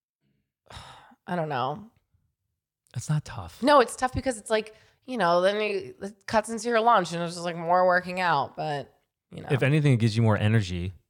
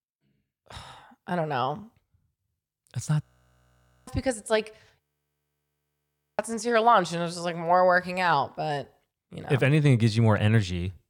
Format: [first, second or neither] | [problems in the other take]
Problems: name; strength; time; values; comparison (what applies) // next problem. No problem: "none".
first | audio freezing; at 3 s for 1 s and at 5 s for 1.5 s